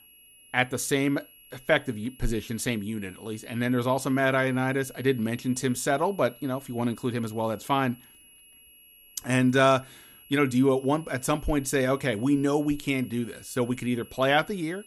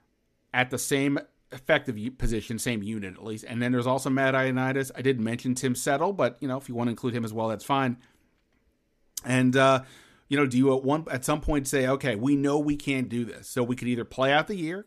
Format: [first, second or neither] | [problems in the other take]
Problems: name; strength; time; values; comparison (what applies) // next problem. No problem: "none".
second | high-pitched whine; faint; throughout; 11 kHz, 25 dB below the speech